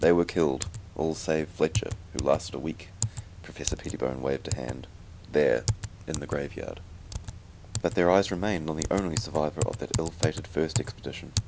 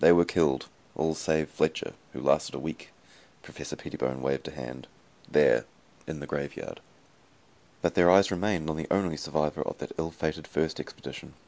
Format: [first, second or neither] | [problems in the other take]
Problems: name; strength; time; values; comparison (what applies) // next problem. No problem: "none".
second | background sound (Typing); 6 dB below the speech